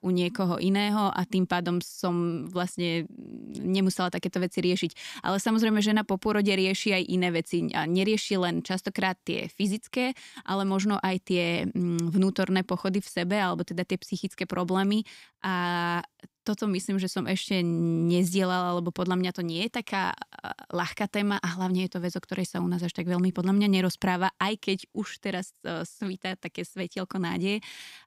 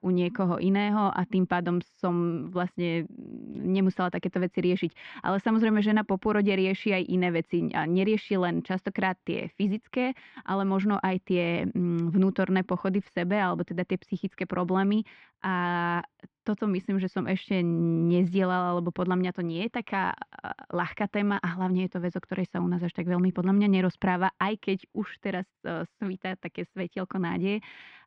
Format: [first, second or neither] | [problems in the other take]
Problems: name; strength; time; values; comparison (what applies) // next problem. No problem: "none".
first | muffled; very; fading above 2.5 kHz